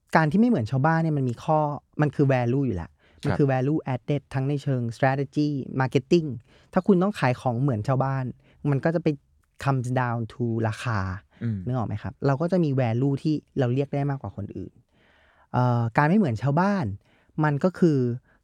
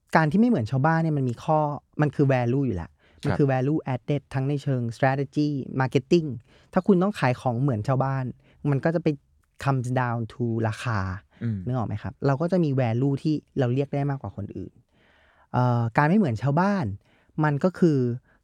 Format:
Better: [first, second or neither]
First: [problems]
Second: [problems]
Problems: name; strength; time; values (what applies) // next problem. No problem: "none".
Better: neither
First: none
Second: none